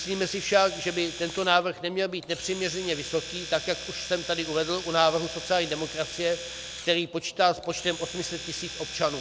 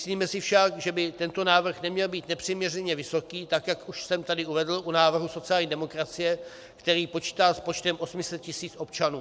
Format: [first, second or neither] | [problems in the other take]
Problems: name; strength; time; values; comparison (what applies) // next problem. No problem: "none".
second | background sound (Domestic sounds, home sounds); 11 dB below the speech